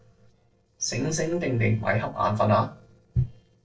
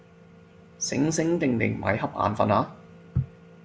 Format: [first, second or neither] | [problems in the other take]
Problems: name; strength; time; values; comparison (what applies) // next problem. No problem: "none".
second | noise reduction (neural separator model SepFormer DNS4)